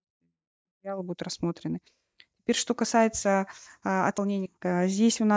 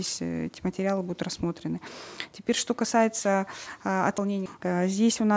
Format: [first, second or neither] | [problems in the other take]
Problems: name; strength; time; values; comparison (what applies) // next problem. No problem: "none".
second | noise reduction (neural mask model DeepFilterNet 3)